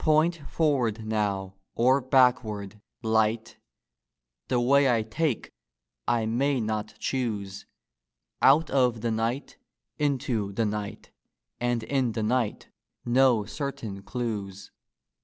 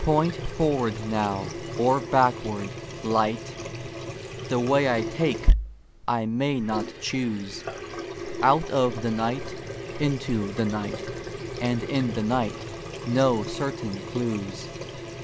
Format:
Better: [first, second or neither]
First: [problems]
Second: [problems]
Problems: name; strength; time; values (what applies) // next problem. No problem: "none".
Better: first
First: none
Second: background sound (Sink (filling or washing) / Water tap, faucet); 5 dB below the speech